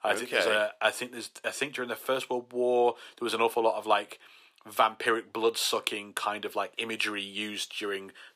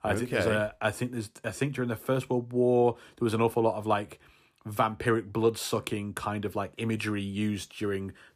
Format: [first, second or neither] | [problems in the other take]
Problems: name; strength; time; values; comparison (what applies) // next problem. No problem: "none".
second | thin; somewhat; fading below 500 Hz